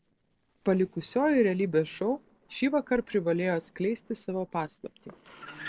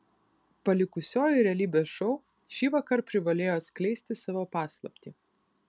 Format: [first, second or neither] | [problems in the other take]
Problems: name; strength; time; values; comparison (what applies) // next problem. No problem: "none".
second | noise reduction (neural separator model SepFormer DNS4)